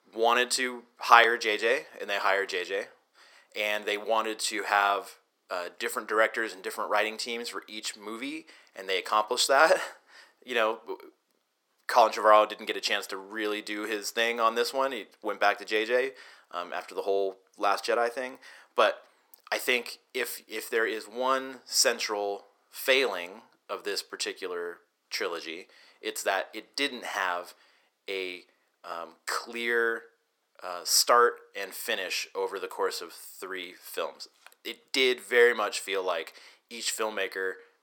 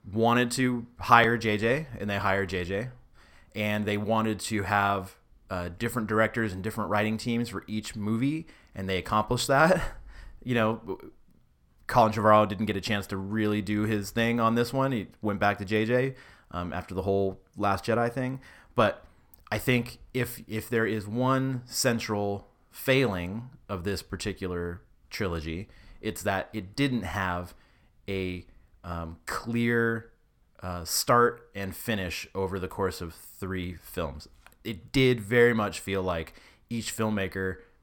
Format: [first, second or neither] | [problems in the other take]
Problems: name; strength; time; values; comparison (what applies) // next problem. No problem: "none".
second | thin; very; fading below 400 Hz